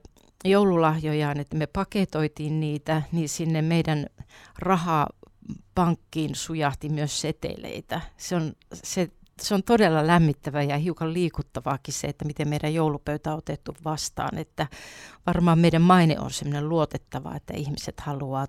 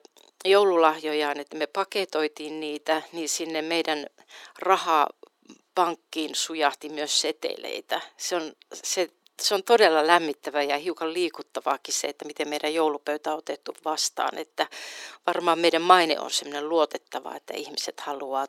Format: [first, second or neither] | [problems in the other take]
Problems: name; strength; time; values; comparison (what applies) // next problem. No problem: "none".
first | thin; very; fading below 350 Hz